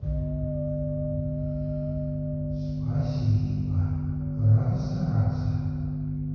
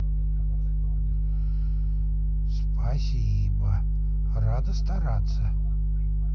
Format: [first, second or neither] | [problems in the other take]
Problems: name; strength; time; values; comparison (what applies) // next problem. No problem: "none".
second | background sound (Wind); 15 dB below the speech // room echo; dies away in 2 s